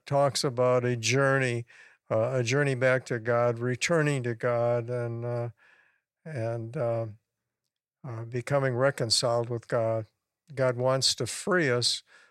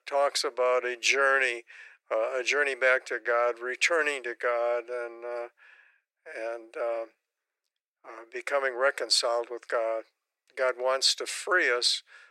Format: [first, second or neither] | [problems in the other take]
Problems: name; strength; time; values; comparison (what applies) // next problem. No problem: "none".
first | thin; very; fading below 350 Hz